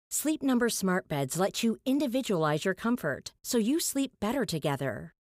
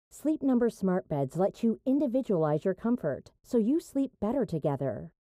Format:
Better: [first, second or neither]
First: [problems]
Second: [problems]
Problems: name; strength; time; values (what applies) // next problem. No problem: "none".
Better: first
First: none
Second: muffled; very; fading above 1.5 kHz